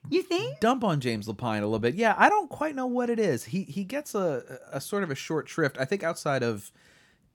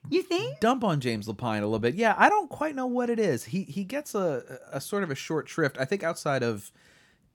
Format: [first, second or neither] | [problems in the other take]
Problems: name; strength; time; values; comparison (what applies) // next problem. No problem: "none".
neither | none